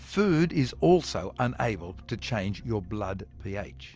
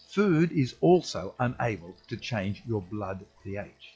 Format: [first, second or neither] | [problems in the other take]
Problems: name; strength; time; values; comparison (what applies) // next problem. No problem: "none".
first | noise reduction (classical method log-MMSE)